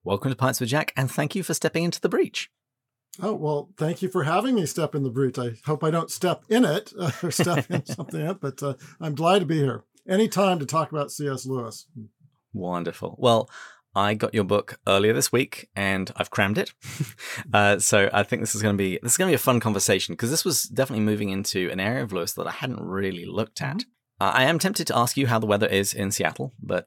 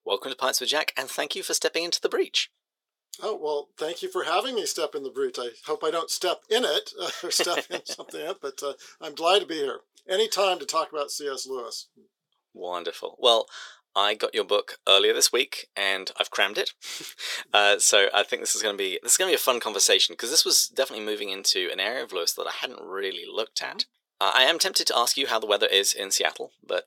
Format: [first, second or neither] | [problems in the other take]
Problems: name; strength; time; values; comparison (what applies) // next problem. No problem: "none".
first | thin; very; fading below 400 Hz